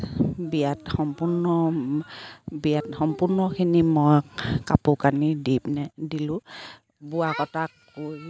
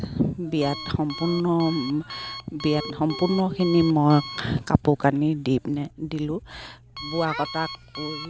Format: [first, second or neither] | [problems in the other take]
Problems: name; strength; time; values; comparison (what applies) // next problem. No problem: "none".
first | background sound (Alarm); 15 dB below the speech